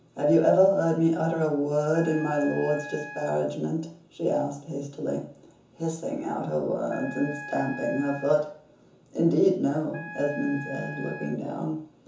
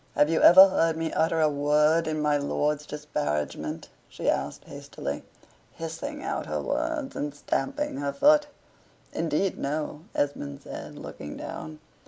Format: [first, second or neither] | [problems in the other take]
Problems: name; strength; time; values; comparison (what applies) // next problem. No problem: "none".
second | background sound (Wind instrument, woodwind instrument); 15 dB below the speech // room echo; dies away in 0.6 s